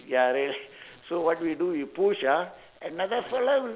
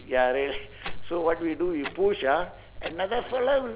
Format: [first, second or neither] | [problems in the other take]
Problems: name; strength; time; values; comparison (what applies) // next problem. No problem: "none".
first | background sound (Clock); 10 dB below the speech